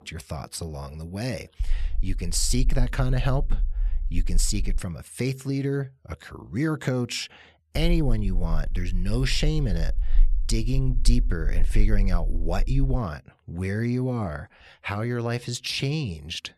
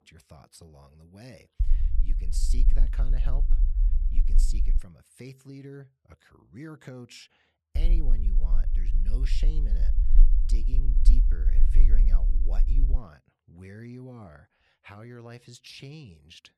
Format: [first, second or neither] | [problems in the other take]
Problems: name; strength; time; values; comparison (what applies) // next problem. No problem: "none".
first | low rumble; loud; from 1.5 to 5 s and from 8 to 13 s; 5 dB below the speech; faint in the first